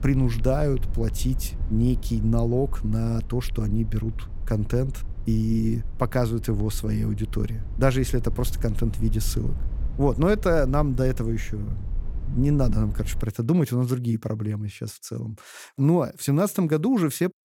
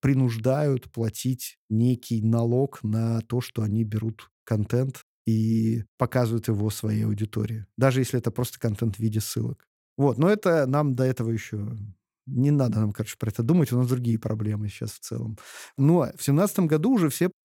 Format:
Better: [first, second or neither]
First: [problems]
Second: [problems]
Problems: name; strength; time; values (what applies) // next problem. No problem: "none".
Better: second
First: low rumble; faint; until 13 s; 20 dB below the speech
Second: none